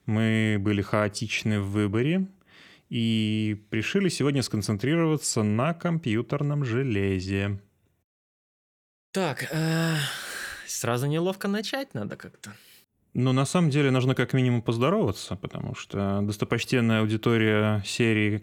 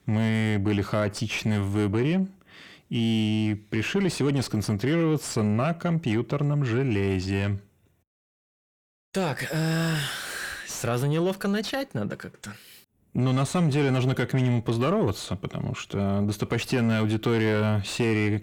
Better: first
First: none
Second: distortion; slight; 10 dB below the speech

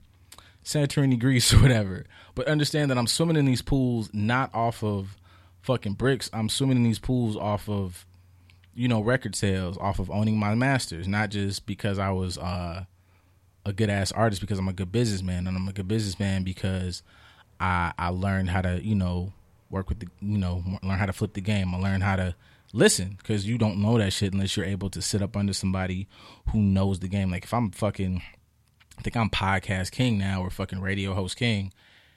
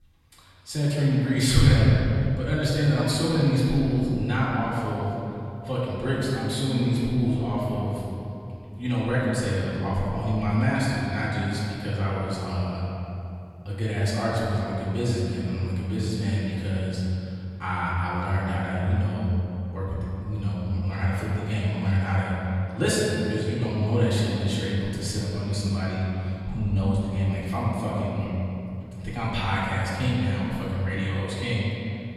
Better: first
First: none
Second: off-mic speech; far // room echo; strong; dies away in 2.6 s

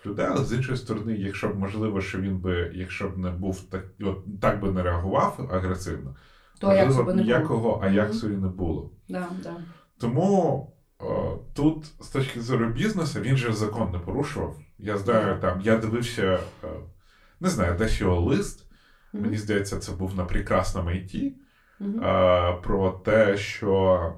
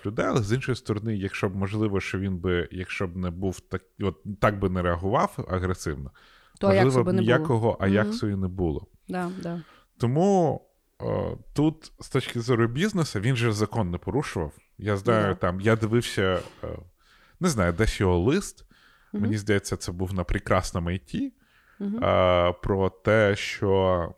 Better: second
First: off-mic speech; far // room echo; very slight; dies away in 0.2 s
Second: none

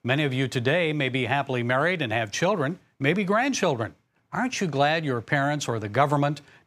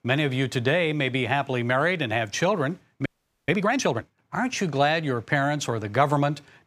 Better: first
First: none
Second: audio freezing; at 3 s

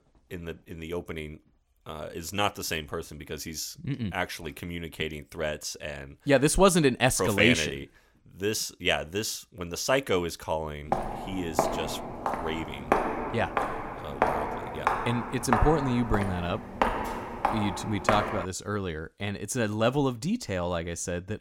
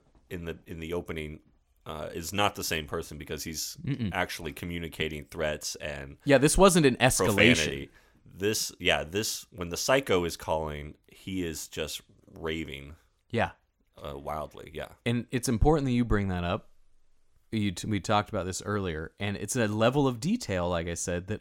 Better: second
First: footsteps; loud; from 11 to 18 s; peak 2 dB above the speech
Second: none

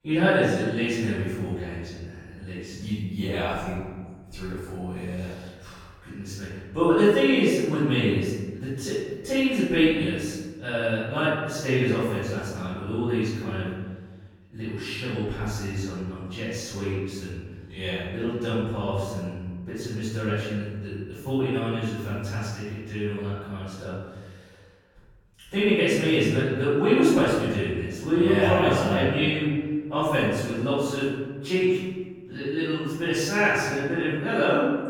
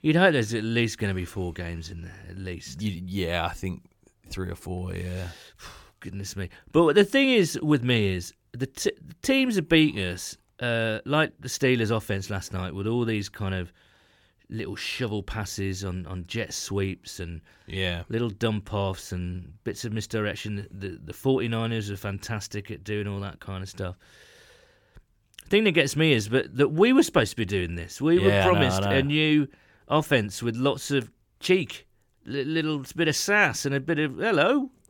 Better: second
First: off-mic speech; far // room echo; strong; dies away in 1.3 s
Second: none

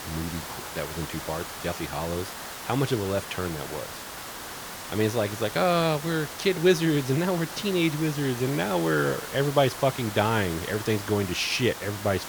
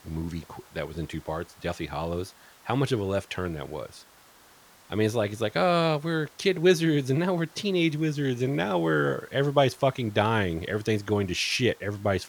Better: second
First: hiss; loud; throughout; 9 dB below the speech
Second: hiss; faint; throughout; 25 dB below the speech

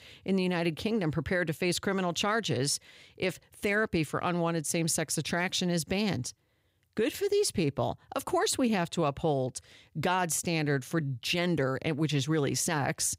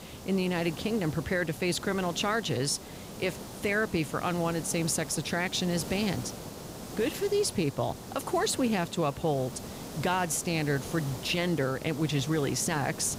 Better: first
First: none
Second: hiss; noticeable; throughout; 10 dB below the speech

